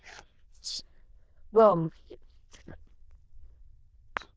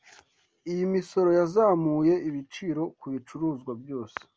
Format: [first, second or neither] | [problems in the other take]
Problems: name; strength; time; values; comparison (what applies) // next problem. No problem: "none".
second | noise reduction (neural diffusion model UNIVERSE++)